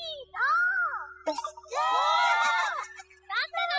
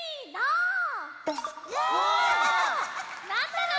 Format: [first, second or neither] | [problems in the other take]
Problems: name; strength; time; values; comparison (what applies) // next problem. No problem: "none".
second | noise reduction (classical method spectral subtraction)